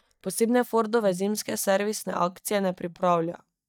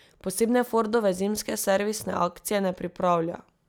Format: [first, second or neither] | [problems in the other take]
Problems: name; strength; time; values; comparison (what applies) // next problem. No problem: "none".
second | noise reduction (neural mask model DeepFilterNet 3)